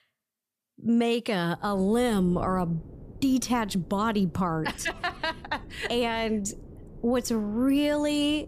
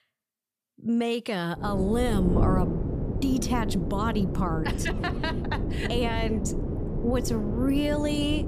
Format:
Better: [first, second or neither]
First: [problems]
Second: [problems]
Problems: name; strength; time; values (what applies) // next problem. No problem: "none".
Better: first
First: wind noise on the microphone; occasional gusts; from 1.5 s on; 25 dB below the speech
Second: wind noise on the microphone; heavy; from 1.5 s on; 6 dB below the speech